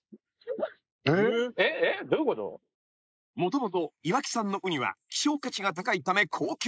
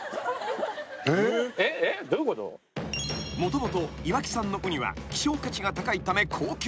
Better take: second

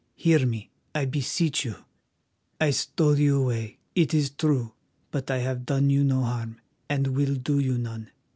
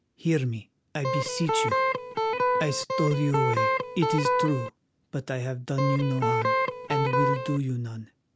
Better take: first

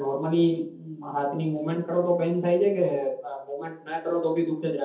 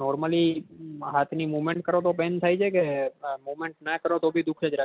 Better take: second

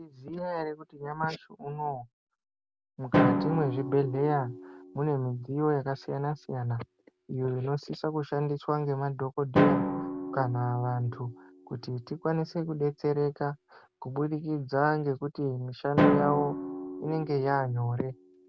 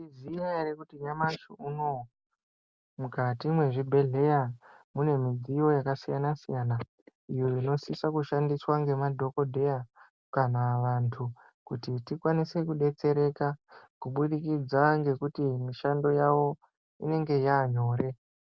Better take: second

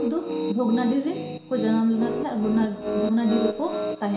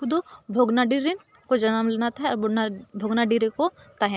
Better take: second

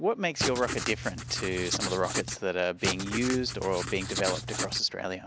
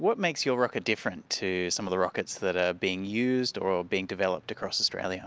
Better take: second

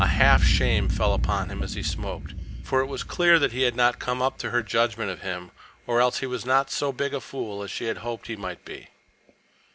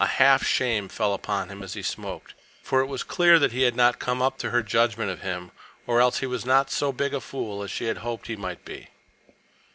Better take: second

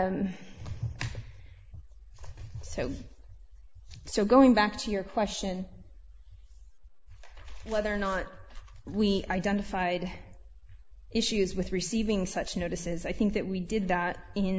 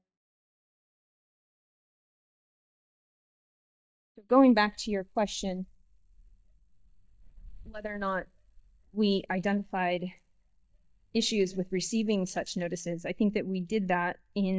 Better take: first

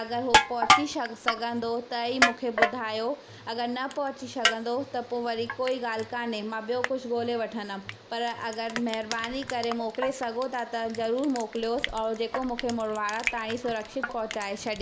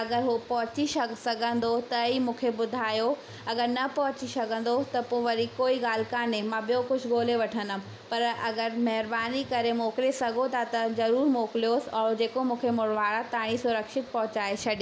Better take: second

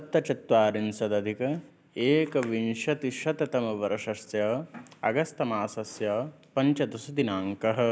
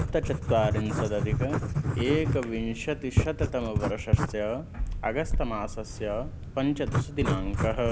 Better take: first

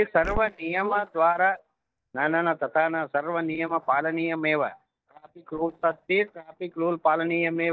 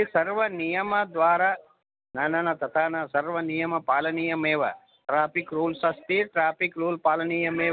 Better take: second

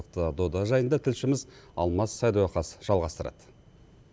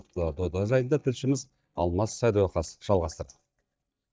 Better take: first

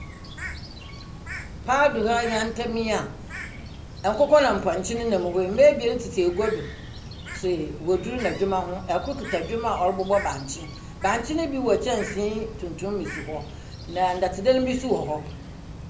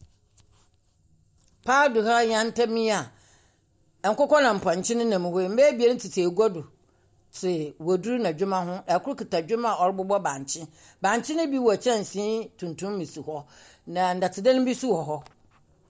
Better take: second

